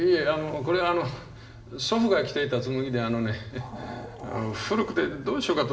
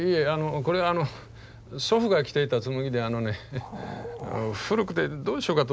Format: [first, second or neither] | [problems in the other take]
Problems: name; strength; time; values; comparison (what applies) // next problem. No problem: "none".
second | room echo; dies away in 0.9 s